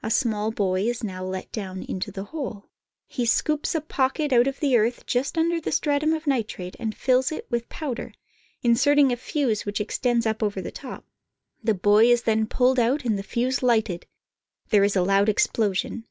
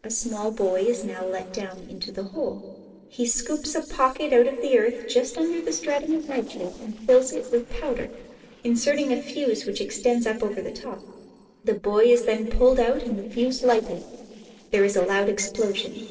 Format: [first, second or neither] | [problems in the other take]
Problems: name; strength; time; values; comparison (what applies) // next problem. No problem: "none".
first | noise reduction (neural separator model SepFormer DNS4)